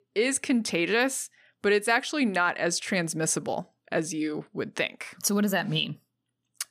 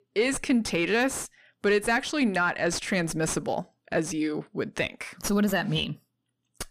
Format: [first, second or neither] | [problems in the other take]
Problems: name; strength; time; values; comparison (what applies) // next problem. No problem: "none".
first | distortion; slight; 9 dB below the speech